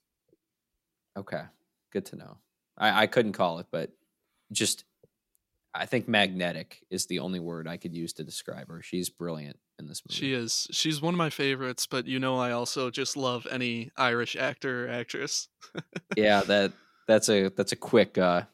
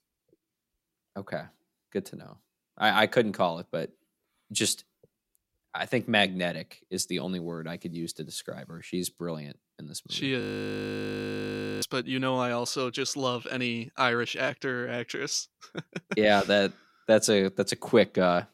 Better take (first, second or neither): first